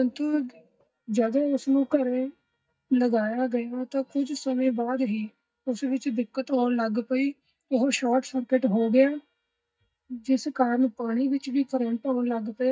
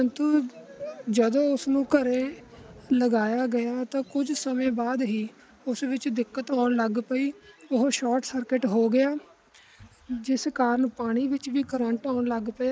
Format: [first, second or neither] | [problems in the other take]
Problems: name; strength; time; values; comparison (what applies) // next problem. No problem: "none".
second | noise reduction (neural mask model DeepFilterNet 3)